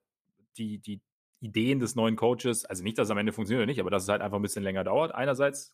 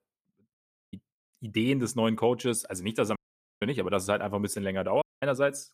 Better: first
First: none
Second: audio cutting out; at 0.5 s, at 3 s and at 5 s

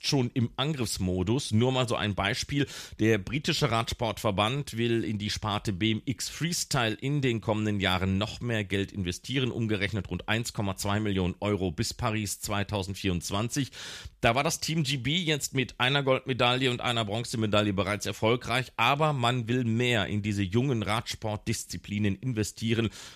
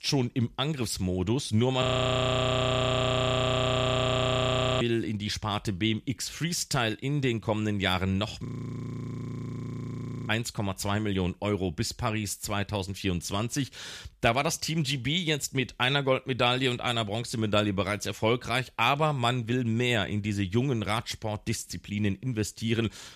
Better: first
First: none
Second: audio freezing; at 2 s for 3 s and at 8.5 s for 2 s

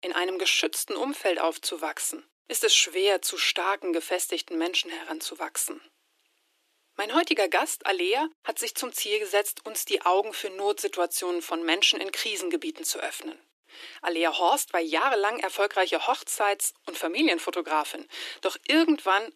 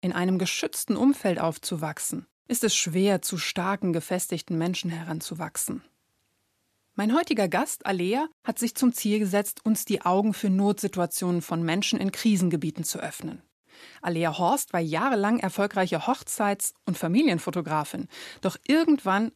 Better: second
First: thin; very; fading below 300 Hz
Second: none

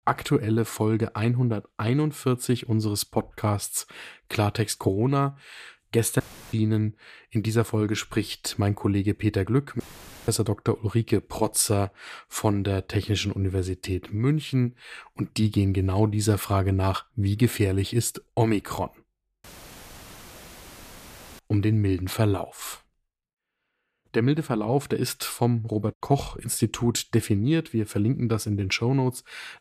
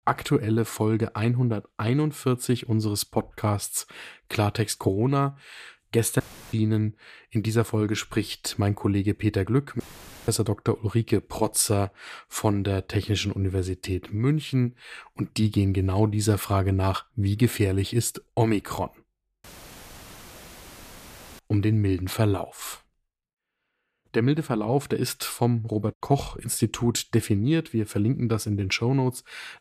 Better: neither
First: audio cutting out; filled with static; at 6 s, at 10 s and at 19 s for 2 s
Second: audio cutting out; filled with static; at 6 s, at 10 s and at 19 s for 2 s

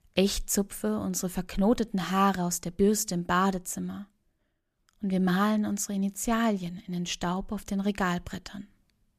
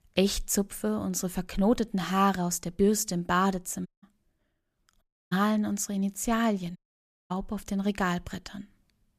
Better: first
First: none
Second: audio cutting out; at 4 s, at 5 s and at 7 s for 0.5 s

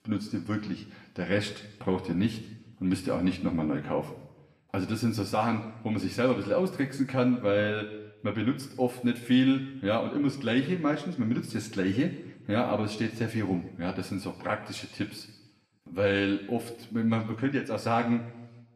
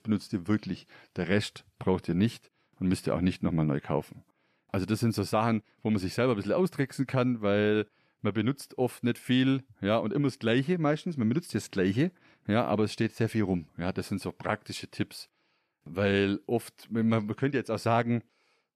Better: second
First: room echo; slight; dies away in 0.8 s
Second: none

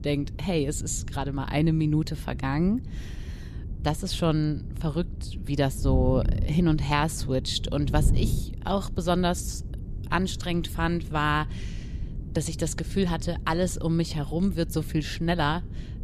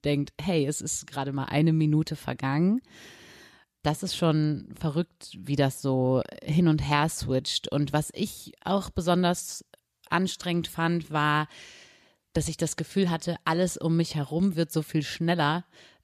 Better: second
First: wind noise on the microphone; occasional gusts; 15 dB below the speech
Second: none

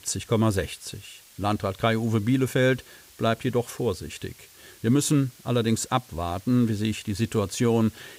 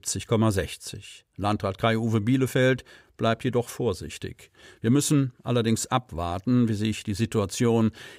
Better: second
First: hiss; faint; throughout; 25 dB below the speech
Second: none

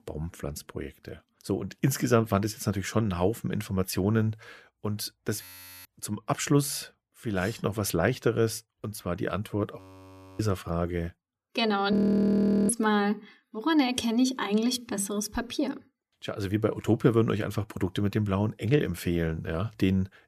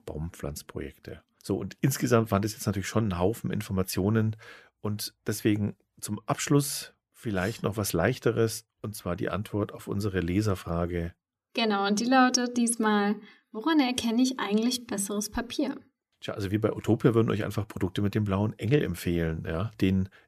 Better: second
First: audio freezing; at 5.5 s, at 10 s for 0.5 s and at 12 s for 1 s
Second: none

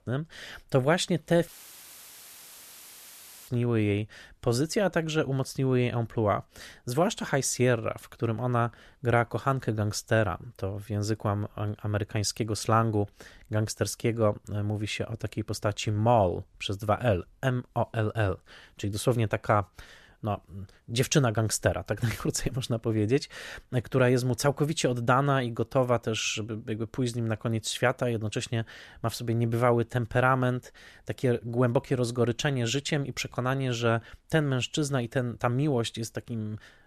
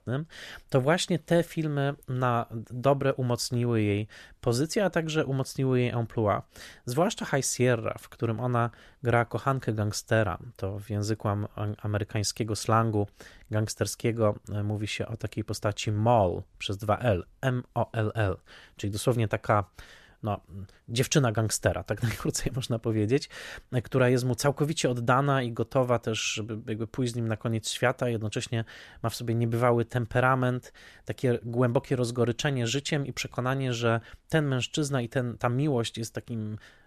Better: second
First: audio cutting out; filled with static; at 1.5 s for 2 s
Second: none

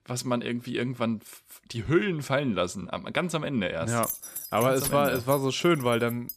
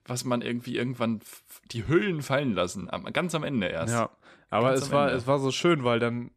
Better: second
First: jangling keys; noticeable; from 4 s on; peak 5 dB below the speech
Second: none

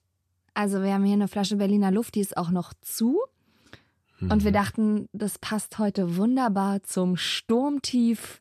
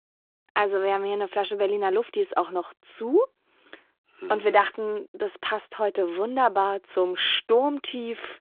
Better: first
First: none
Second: phone-call audio; nothing above 3.5 kHz

